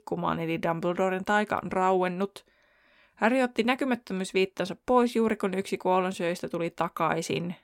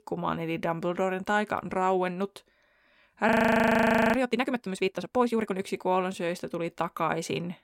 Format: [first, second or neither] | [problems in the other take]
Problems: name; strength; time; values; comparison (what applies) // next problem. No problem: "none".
first | audio freezing; at 3.5 s for 1 s